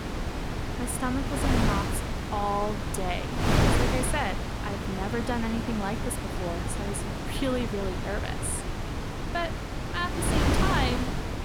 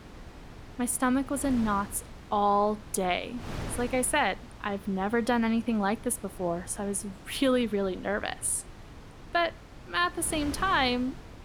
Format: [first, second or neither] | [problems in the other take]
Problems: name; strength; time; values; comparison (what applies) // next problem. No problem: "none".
second | wind noise on the microphone; heavy; as loud as the speech; occasional gusts in the second